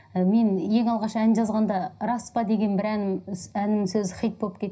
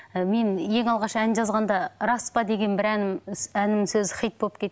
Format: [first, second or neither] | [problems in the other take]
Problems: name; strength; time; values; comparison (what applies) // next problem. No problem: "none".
second | room echo; dies away in 0.4 s